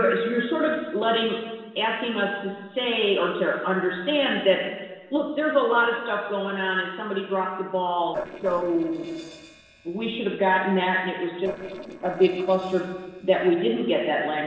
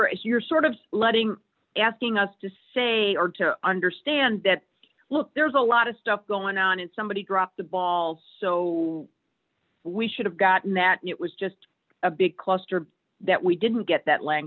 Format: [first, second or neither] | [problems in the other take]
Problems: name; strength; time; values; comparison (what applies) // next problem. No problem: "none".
second | noise reduction (neural separator model SepFormer DNS4)